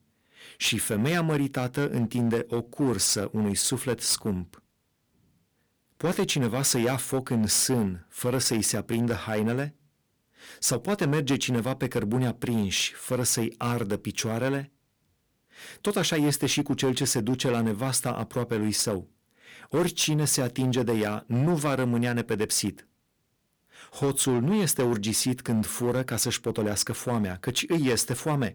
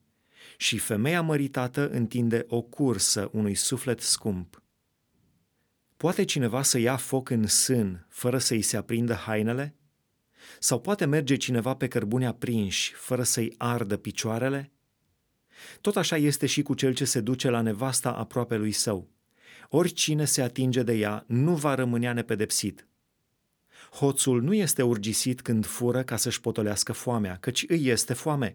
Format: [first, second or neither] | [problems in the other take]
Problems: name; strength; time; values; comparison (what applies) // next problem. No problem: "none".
second | distortion; slight; 7% of the sound clipped